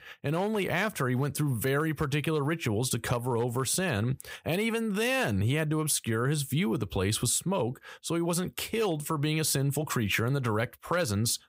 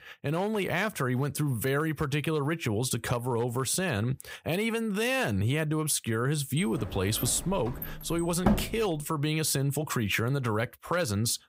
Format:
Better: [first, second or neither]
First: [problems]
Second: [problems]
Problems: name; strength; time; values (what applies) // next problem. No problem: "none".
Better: first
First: none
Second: door banging; loud; from 6.5 to 8.5 s; peak 1 dB above the speech